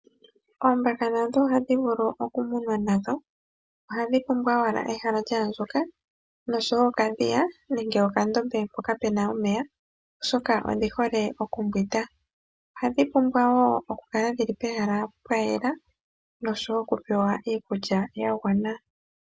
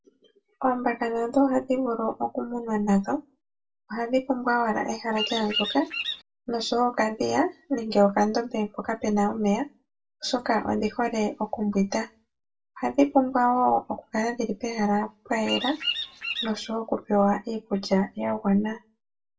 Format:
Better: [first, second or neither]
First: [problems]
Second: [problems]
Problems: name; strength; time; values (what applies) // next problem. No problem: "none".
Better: first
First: none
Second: background sound (Bird vocalization, bird call, bird song); 5 dB below the speech // room echo; dies away in 0.2 s